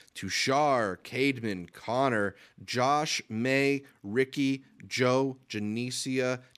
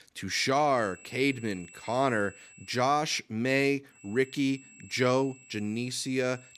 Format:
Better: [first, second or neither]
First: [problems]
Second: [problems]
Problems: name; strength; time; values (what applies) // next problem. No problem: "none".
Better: first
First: none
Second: high-pitched whine; faint; from 1 to 3 s and from 4 s on; 2.5 kHz, 20 dB below the speech